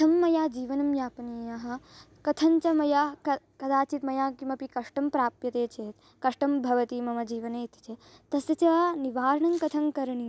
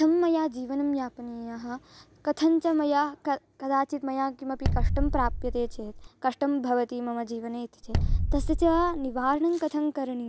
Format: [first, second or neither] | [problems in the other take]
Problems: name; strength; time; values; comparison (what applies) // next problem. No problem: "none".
first | background sound (Bass drum); as loud as the speech